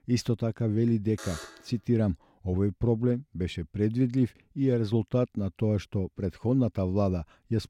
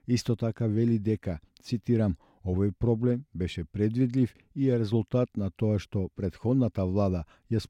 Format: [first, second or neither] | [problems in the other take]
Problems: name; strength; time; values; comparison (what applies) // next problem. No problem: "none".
second | alarm; faint; at 1 s; peak 10 dB below the speech